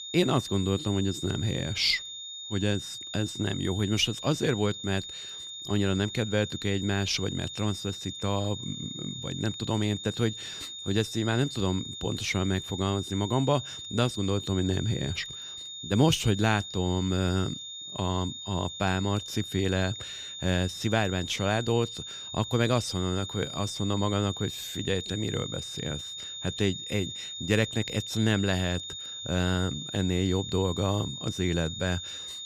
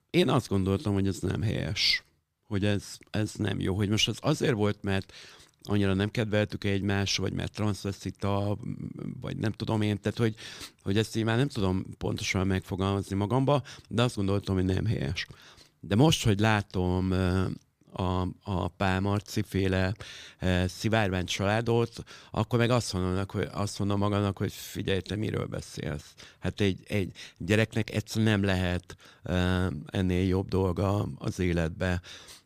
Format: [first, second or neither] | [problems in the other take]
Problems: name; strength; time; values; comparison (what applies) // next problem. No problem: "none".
second | high-pitched whine; loud; throughout; 3.5 kHz, 8 dB below the speech